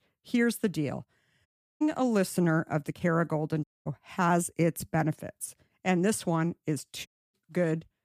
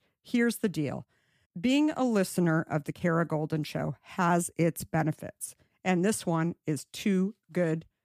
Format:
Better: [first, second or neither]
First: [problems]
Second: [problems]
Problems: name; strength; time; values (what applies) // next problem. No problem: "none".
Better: second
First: audio cutting out; at 1.5 s, at 3.5 s and at 7 s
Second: none